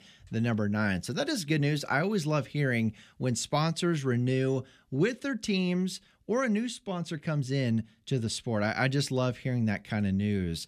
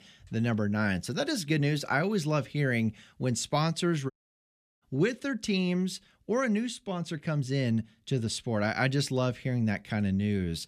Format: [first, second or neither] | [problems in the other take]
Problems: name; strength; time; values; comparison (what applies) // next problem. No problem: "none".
first | audio cutting out; at 4 s for 0.5 s